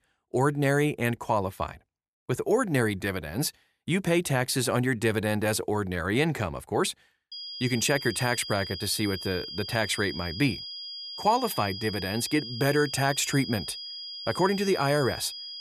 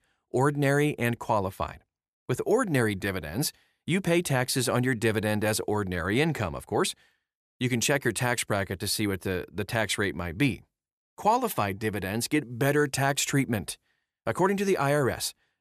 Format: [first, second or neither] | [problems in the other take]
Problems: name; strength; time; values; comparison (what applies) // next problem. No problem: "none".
second | high-pitched whine; loud; from 7.5 s on; 5 kHz, 9 dB below the speech